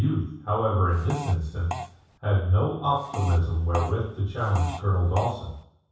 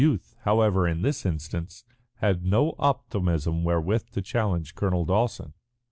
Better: second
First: background sound (Fart); 13 dB below the speech // room echo; dies away in 0.7 s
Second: none

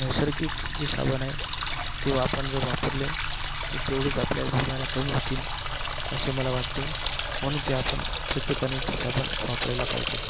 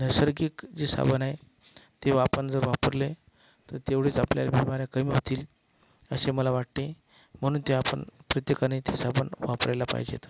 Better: second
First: background sound (Water tap, faucet); as loud as the speech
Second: none

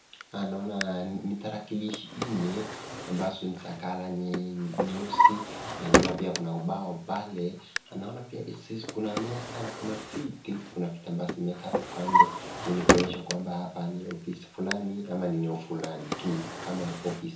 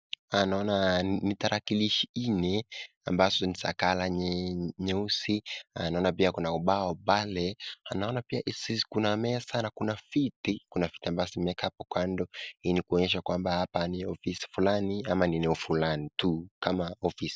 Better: second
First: background sound (Drawer open or close); 2 dB above the speech // room echo; dies away in 0.6 s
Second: none

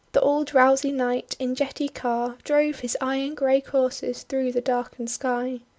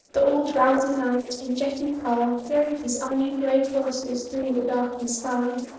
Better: first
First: none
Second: noise reduction (neural separator model SepFormer DNS4)

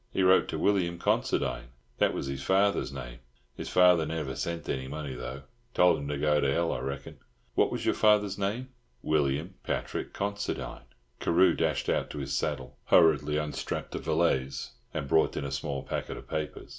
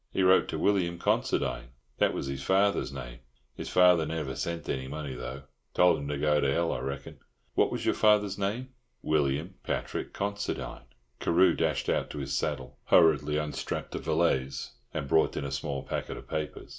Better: first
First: none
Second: noise reduction (neural mask model Resemble Enhance denoiser)

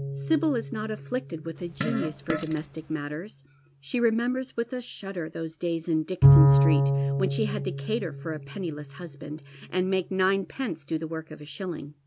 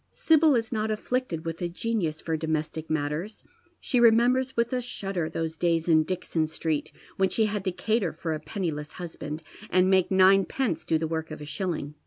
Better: second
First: background sound (Fart + Bowed string instrument); 2 dB above the speech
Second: none

